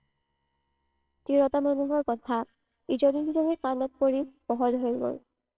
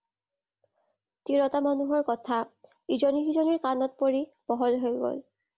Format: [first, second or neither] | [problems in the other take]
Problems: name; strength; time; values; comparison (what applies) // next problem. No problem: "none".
second | noise reduction (neural separator model SepFormer WHAMR!)